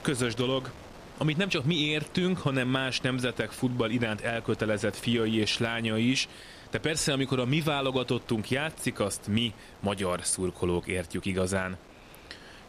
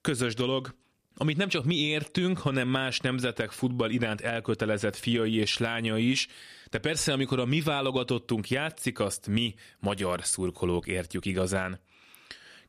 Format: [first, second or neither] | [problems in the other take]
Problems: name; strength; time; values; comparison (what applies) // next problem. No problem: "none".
second | wind noise on the microphone; occasional gusts; 20 dB below the speech